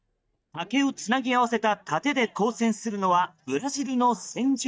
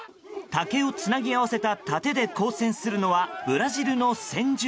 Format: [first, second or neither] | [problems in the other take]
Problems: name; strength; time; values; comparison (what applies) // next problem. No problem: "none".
second | noise reduction (neural mask model DeepFilterNet 3)